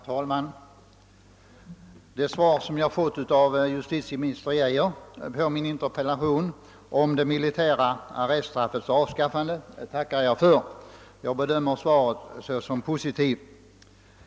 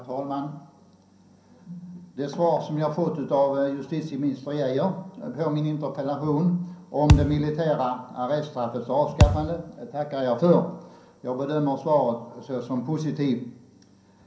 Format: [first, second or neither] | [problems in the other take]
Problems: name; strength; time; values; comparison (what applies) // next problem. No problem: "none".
first | background sound (Thump, thud); 4 dB above the speech // room echo; dies away in 0.6 s